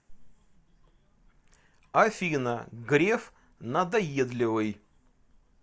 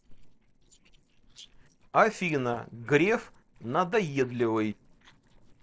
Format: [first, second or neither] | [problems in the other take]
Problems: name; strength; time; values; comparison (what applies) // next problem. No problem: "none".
first | noise reduction (neural separator model SepFormer DNS4)